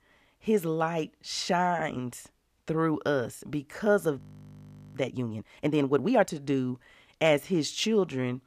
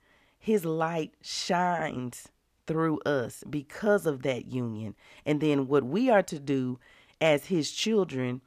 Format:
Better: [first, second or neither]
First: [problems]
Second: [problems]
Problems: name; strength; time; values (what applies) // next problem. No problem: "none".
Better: second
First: audio freezing; at 4 s for 1 s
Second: none